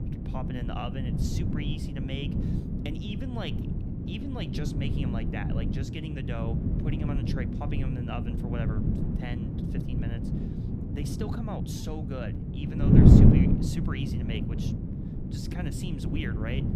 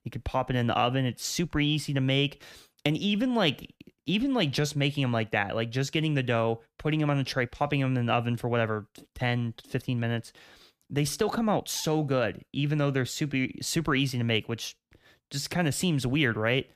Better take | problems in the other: second | wind noise on the microphone; heavy; 4 dB above the speech

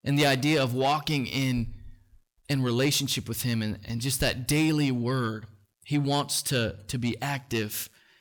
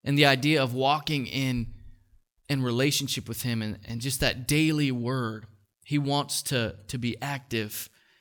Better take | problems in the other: second | distortion; slight; 10 dB below the speech

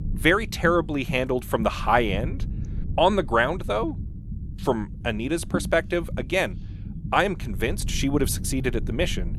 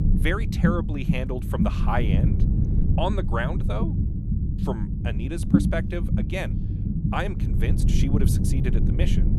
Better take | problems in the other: first | low rumble; loud; throughout; 3 dB below the speech; faint in the first

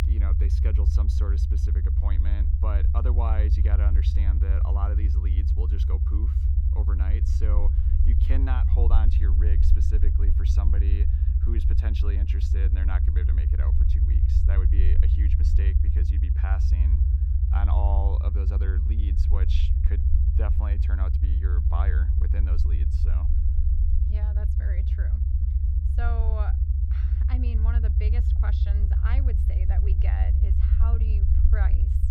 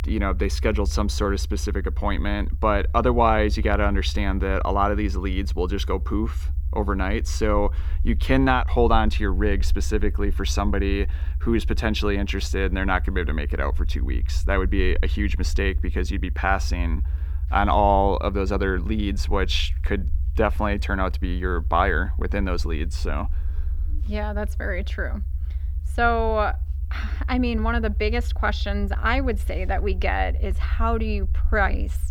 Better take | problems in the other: second | low rumble; loud; throughout; 1 dB below the speech; faint in the second

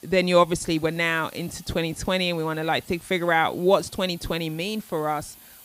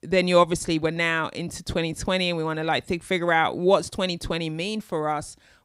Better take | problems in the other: second | hiss; faint; throughout; 25 dB below the speech

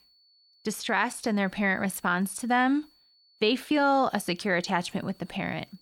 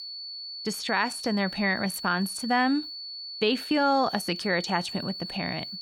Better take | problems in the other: first | high-pitched whine; loud; throughout; 4.5 kHz, 8 dB below the speech; faint in the first

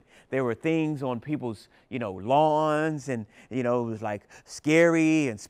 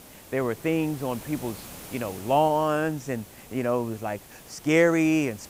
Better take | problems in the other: first | hiss; noticeable; throughout; 20 dB below the speech

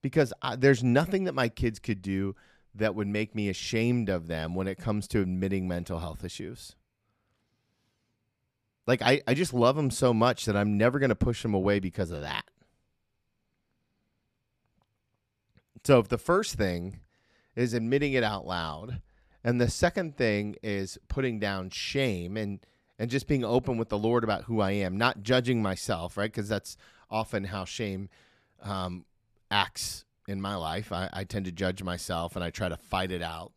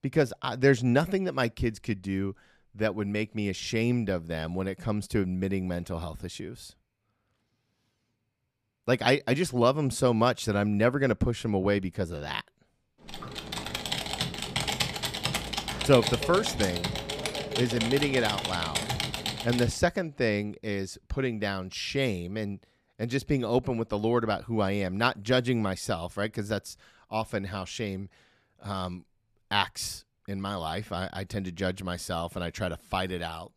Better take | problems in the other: first | keyboard typing; loud; from 13 to 20 s; peak 1 dB above the speech

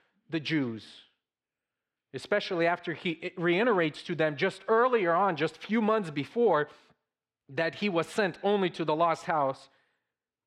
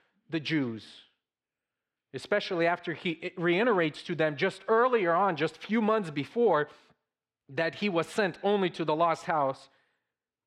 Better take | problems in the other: neither | muffled; slightly; fading above 3 kHz; the same in both

